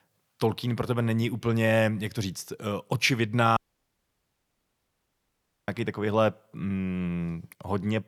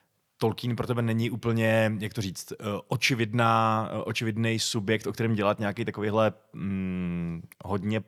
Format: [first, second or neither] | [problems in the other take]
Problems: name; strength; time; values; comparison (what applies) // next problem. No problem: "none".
second | audio cutting out; at 3.5 s for 2 s